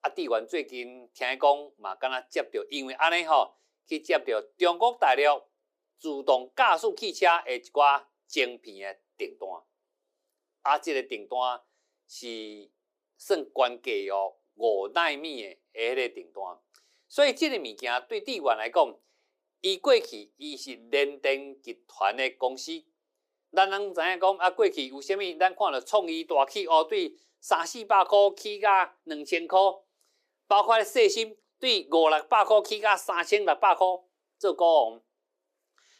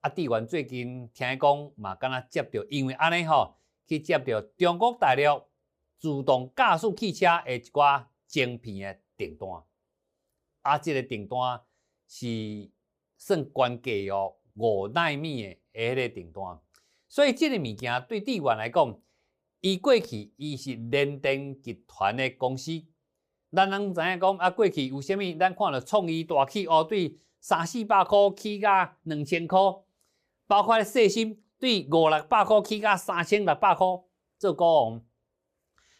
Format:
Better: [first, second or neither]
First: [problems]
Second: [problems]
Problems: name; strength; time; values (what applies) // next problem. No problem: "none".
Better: second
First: thin; somewhat; fading below 300 Hz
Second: none